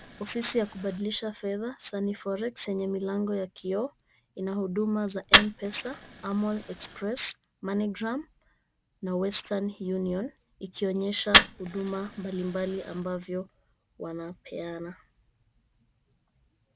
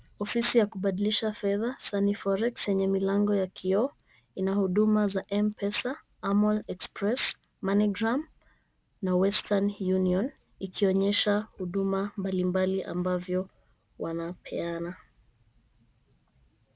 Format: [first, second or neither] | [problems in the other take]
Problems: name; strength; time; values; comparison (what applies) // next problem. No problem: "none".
second | background sound (Fire); 2 dB below the speech